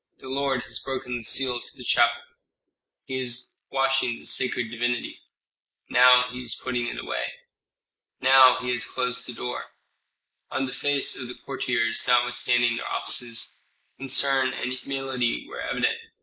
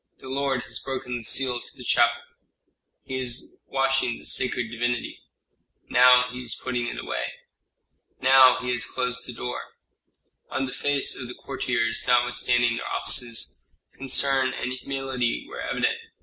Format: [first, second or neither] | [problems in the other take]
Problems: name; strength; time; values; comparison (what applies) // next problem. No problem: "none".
second | noise reduction (neural mask model Resemble Enhance denoiser)